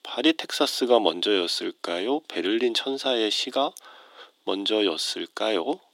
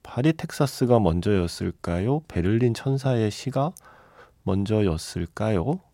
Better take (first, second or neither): second